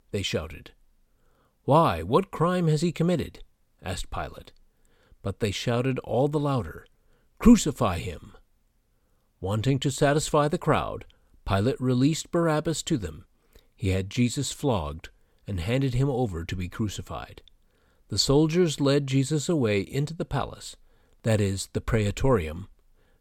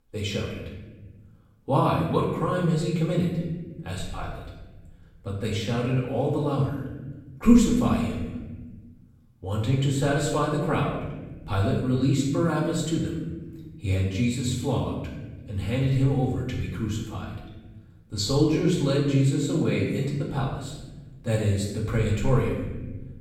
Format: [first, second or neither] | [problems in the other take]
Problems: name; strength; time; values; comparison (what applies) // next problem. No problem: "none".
first | room echo; noticeable; dies away in 1.2 s // off-mic speech; far